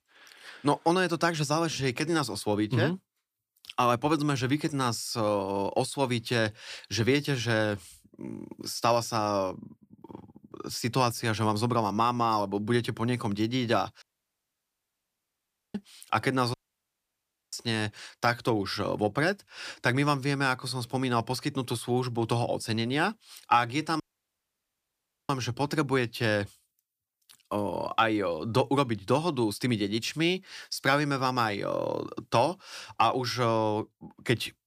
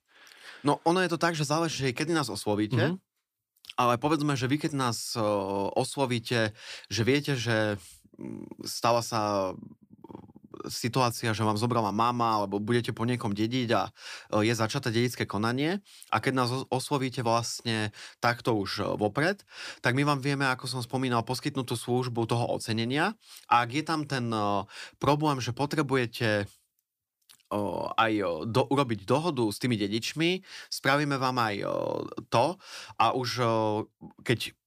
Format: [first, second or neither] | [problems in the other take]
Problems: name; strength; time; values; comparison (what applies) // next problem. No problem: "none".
second | audio cutting out; at 14 s for 1.5 s, at 17 s for 1 s and at 24 s for 1.5 s